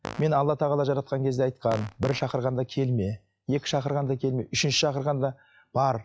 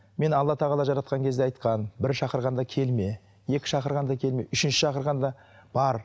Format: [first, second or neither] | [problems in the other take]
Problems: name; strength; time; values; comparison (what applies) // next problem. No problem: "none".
second | noise reduction (classical method log-MMSE)